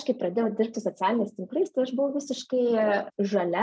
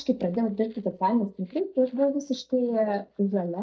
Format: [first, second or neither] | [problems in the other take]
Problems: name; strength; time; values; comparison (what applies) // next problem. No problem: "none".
first | noise reduction (neural mask model DeepFilterNet 3)